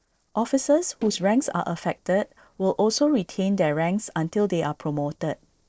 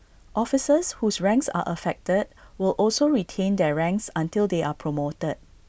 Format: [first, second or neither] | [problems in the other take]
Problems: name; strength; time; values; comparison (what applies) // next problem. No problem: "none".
second | noise reduction (neural separator model SepFormer DNS4)